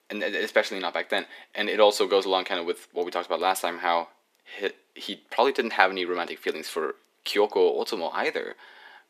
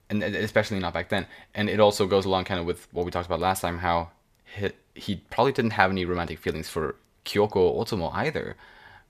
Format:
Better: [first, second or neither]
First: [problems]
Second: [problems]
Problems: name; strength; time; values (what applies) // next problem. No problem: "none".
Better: second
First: thin; somewhat; fading below 250 Hz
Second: none